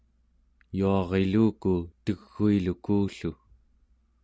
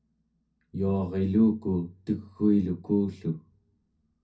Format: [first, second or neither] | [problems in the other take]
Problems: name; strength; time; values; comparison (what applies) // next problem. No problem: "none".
first | room echo; dies away in 0.3 s